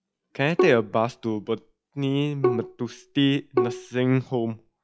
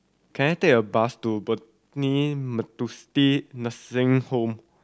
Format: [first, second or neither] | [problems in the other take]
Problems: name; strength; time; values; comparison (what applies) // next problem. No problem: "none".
second | noise reduction (classical method log-MMSE)